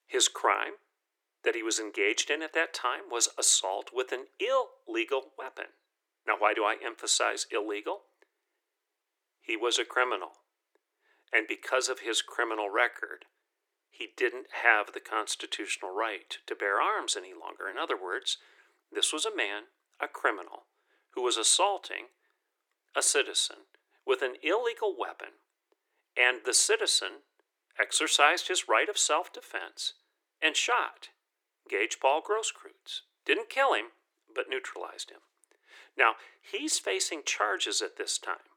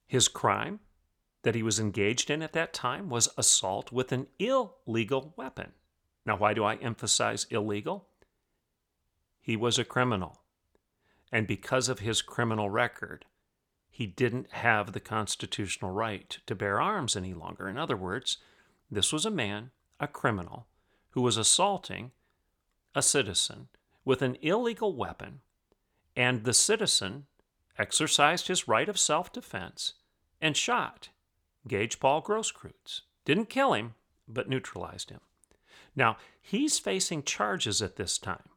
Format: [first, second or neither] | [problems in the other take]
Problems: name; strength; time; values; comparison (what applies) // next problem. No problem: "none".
second | thin; very; fading below 300 Hz